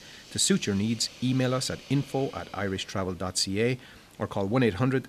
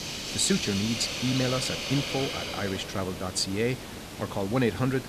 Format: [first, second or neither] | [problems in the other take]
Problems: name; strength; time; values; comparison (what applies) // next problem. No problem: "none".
first | hiss; loud; throughout; 4 dB below the speech; faint in the first